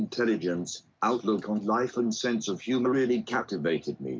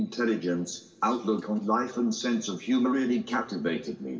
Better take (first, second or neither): first